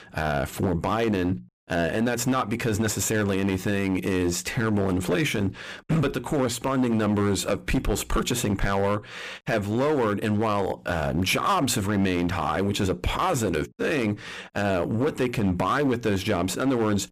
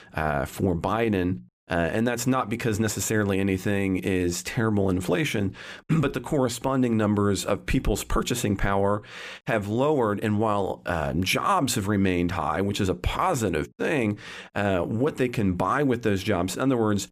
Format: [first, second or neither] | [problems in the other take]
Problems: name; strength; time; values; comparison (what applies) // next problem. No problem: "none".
second | distortion; slight; 10% of the sound clipped